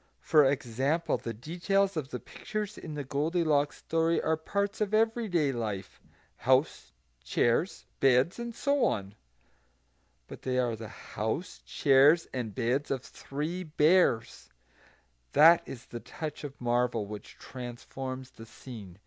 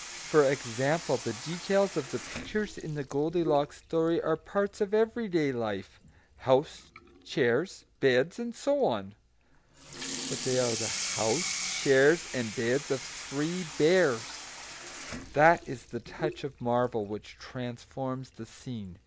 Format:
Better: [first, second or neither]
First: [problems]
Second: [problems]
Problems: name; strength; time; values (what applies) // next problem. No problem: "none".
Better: first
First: none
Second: background sound (Sink (filling or washing) / Water tap, faucet); 12 dB below the speech